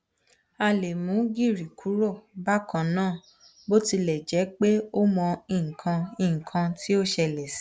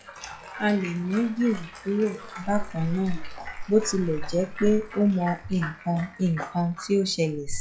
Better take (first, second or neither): first